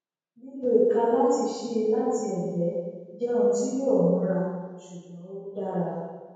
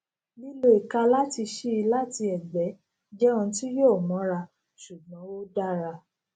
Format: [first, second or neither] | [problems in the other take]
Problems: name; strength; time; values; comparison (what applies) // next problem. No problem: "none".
second | room echo; dies away in 1.2 s